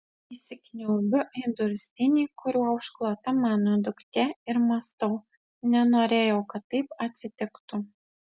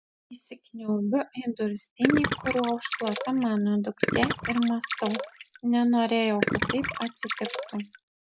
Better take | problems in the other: first | background sound (Gurgling); 3 dB below the speech

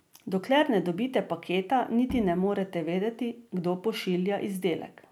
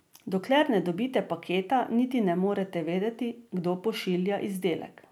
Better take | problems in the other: second | background sound (Bowed string instrument); 16 dB below the speech

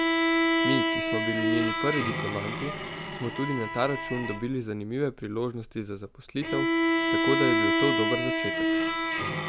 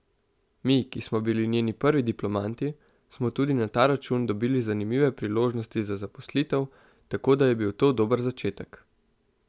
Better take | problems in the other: second | background sound (Bowed string instrument); 4 dB above the speech

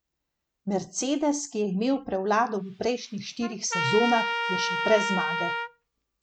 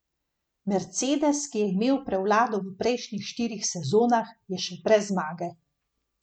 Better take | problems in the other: second | background sound (Trumpet); 2 dB below the speech

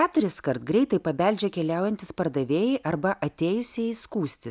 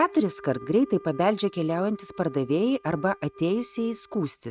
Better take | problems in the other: first | noise reduction (neural mask model RNNoise)

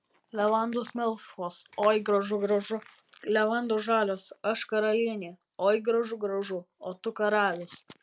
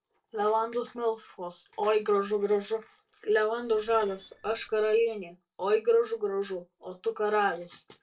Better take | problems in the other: first | noise reduction (neural separator model SepFormer DNS4)

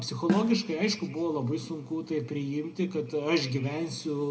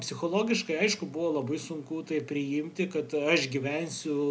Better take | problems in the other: second | background sound (Snare drum); as loud as the speech // room echo; dies away in 1.7 s

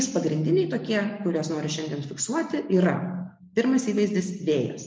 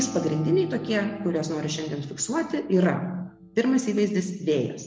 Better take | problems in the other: first | background sound (Acoustic guitar); 18 dB below the speech

